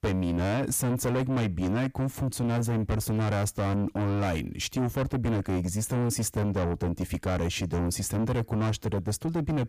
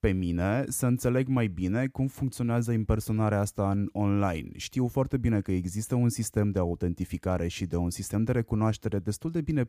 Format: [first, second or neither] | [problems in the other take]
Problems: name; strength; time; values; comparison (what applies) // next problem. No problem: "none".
second | distortion; heavy; 6 dB below the speech